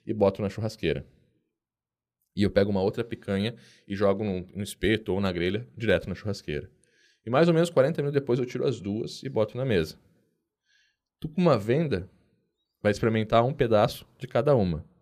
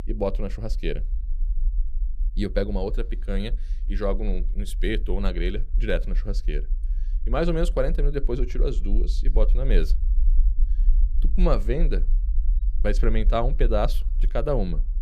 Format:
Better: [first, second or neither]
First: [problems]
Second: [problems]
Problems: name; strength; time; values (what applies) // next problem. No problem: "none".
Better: first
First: none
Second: low rumble; faint; throughout; 25 dB below the speech